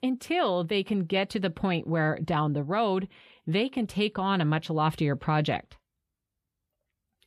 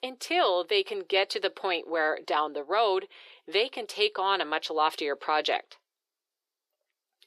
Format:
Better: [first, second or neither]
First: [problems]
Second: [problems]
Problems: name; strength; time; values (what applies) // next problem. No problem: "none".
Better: first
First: none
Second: thin; very; fading below 400 Hz